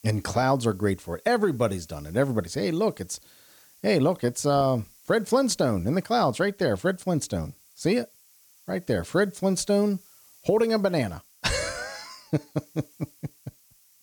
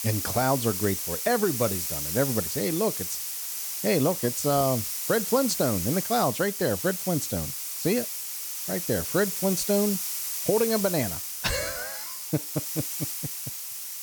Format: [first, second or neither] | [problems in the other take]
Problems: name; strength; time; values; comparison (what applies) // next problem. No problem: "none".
first | hiss; loud; throughout; 2 dB below the speech; faint in the first